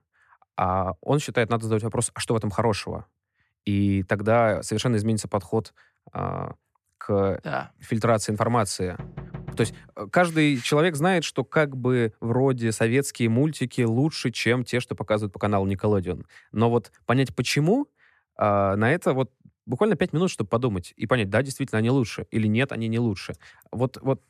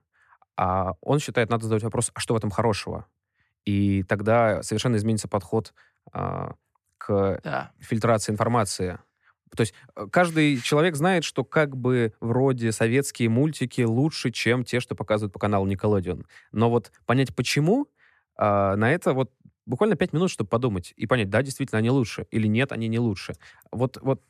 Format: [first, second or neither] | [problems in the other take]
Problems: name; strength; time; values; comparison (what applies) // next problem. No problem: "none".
second | door banging; faint; at 9 s; peak 15 dB below the speech